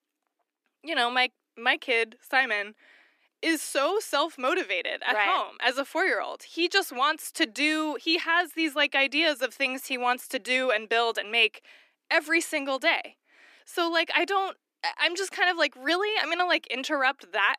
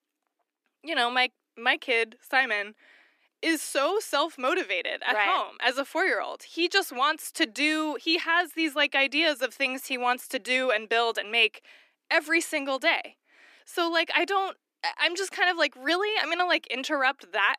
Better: neither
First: thin; somewhat; fading below 300 Hz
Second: thin; somewhat; fading below 300 Hz

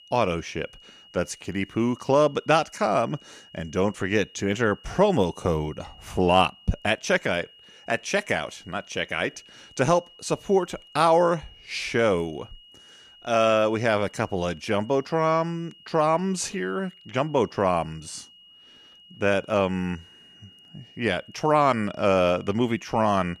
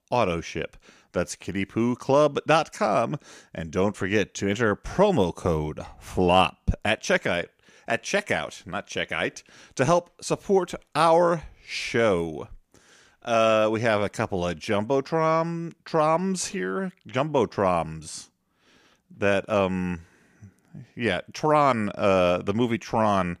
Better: second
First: high-pitched whine; faint; throughout; 3 kHz, 25 dB below the speech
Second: none

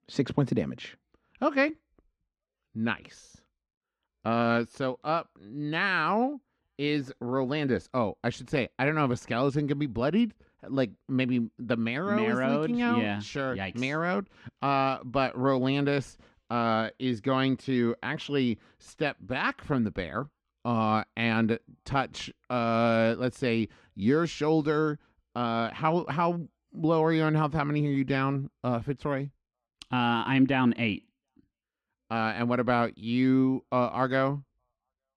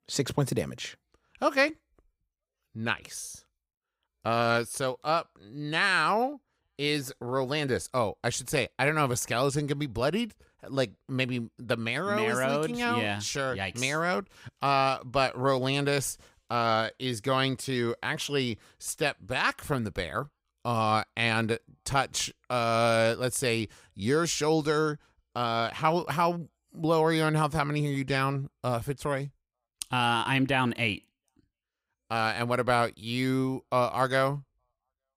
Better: second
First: muffled; slightly; fading above 3.5 kHz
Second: none

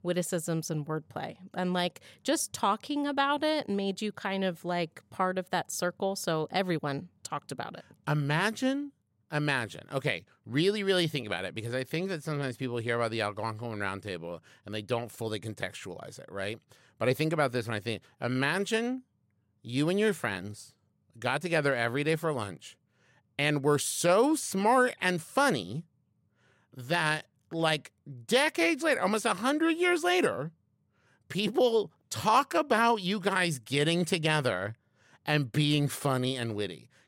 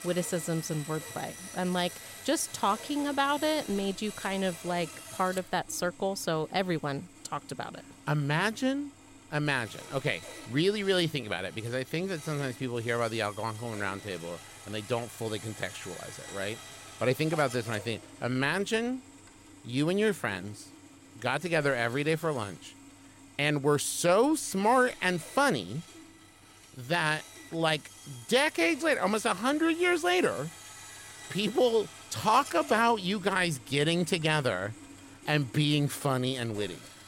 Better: first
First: none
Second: machinery noise; noticeable; throughout; 15 dB below the speech

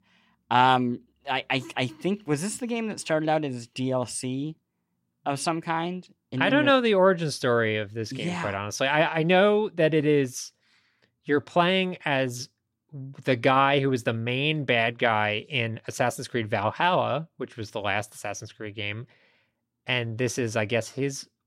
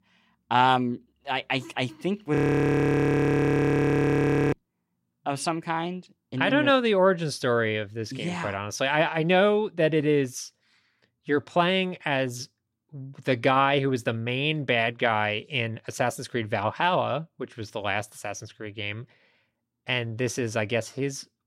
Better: first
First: none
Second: audio freezing; at 2.5 s for 2 s

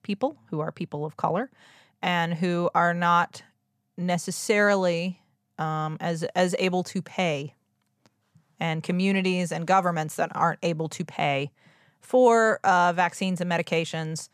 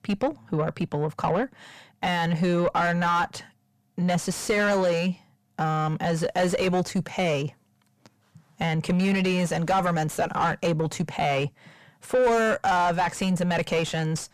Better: first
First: none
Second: distortion; heavy; 6 dB below the speech

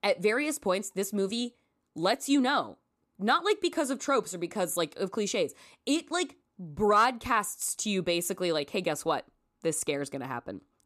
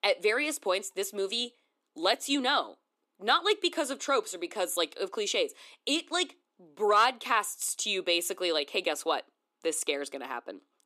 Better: first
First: none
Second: thin; very slightly; fading below 300 Hz

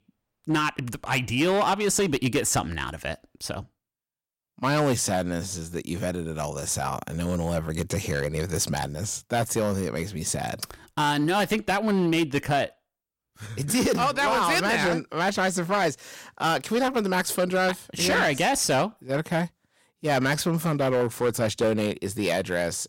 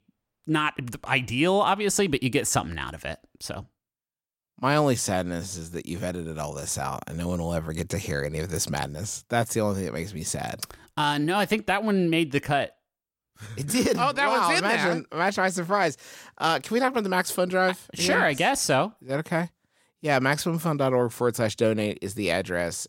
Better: second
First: distortion; slight; 7% of the sound clipped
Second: none

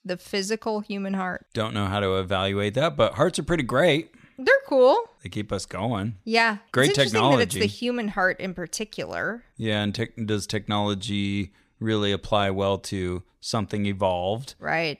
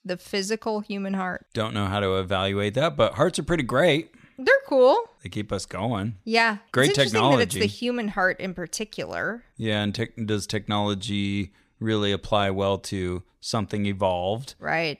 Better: neither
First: none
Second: none

